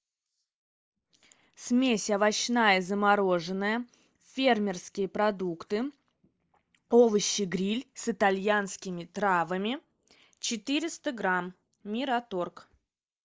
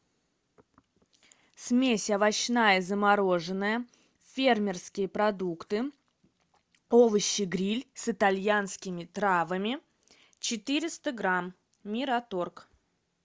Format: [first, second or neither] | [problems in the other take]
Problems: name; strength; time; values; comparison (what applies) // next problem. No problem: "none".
second | noise reduction (neural mask model Resemble Enhance denoiser)